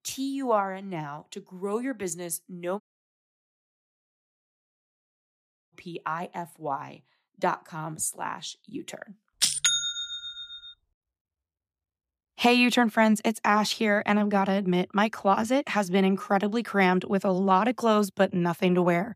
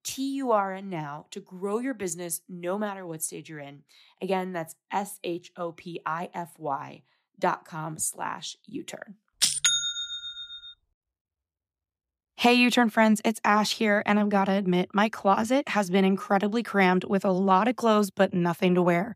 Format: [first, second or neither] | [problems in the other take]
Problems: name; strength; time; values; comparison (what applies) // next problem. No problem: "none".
second | audio cutting out; at 3 s for 3 s